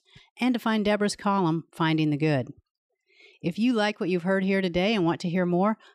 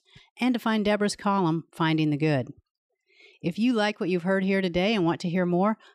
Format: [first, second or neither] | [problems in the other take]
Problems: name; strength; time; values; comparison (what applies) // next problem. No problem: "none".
neither | none